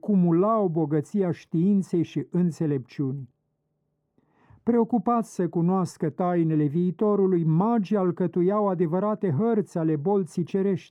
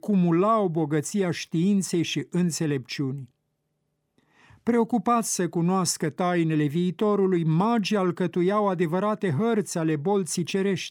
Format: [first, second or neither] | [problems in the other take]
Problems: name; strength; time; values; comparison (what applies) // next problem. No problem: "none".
second | muffled; very; fading above 1.5 kHz